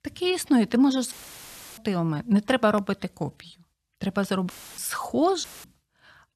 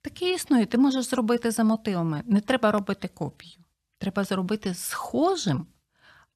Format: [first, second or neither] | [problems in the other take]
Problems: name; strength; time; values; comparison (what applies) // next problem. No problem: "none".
second | audio cutting out; filled with static; at 1 s for 0.5 s, at 4.5 s and at 5.5 s